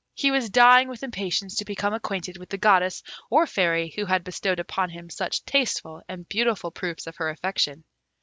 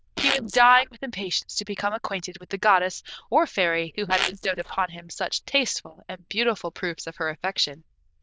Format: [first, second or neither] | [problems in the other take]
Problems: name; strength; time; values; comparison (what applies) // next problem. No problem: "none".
first | noise reduction (neural diffusion model UNIVERSE++)